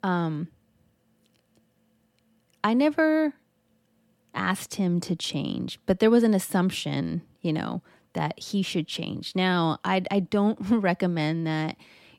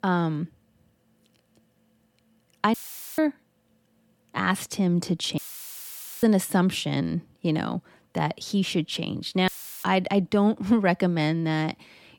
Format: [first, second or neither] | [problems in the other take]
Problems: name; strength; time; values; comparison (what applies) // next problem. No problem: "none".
first | audio cutting out; filled with static; at 2.5 s, at 5.5 s for 1 s and at 9.5 s